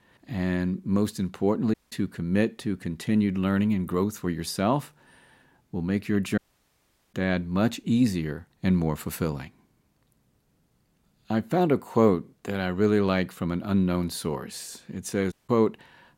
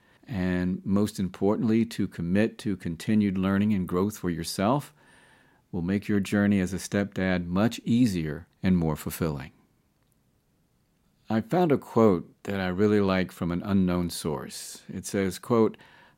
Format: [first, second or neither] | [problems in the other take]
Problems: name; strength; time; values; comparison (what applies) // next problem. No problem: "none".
second | audio cutting out; at 1.5 s, at 6.5 s for 1 s and at 15 s